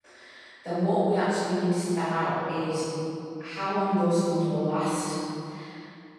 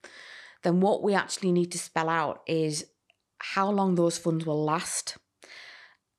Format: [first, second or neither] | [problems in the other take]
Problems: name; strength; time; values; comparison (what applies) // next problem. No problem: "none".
second | off-mic speech; far // room echo; strong; dies away in 2.6 s